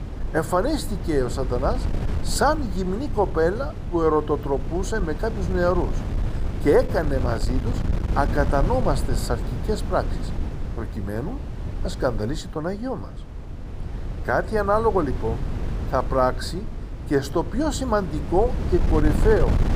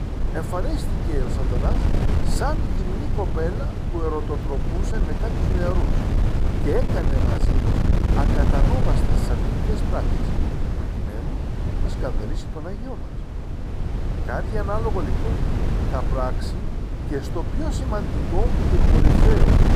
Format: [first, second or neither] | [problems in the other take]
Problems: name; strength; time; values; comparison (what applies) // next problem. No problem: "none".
first | wind noise on the microphone; heavy; 1 dB below the speech; occasional gusts in the first